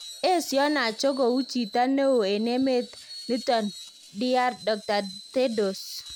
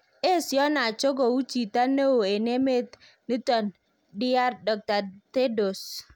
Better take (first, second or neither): second